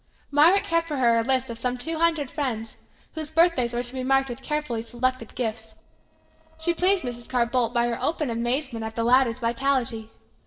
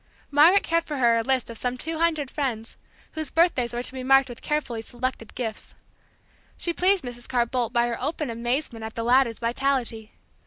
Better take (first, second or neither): second